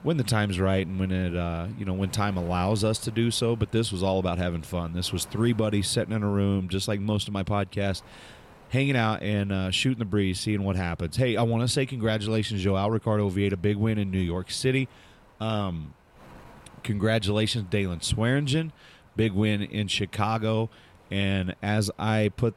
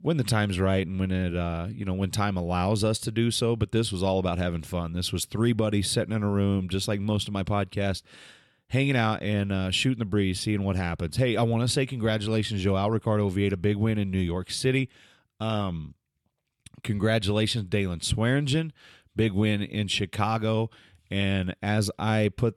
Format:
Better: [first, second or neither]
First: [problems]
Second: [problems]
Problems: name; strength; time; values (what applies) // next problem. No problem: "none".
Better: second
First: wind noise on the microphone; occasional gusts; 25 dB below the speech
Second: none